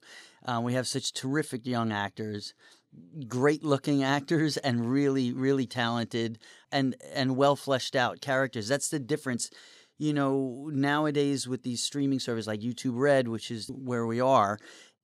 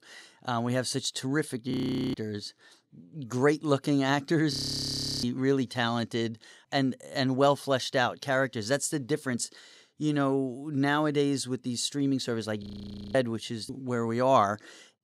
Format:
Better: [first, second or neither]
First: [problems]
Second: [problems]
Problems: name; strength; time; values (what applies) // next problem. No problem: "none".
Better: first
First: none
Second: audio freezing; at 1.5 s, at 4.5 s for 0.5 s and at 13 s for 0.5 s